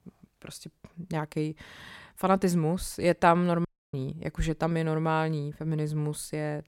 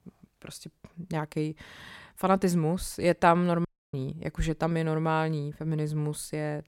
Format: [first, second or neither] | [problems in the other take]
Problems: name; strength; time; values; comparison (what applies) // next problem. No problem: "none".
neither | audio cutting out; at 3.5 s; the same in both